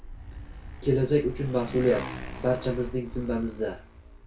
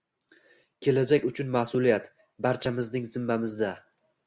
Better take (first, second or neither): second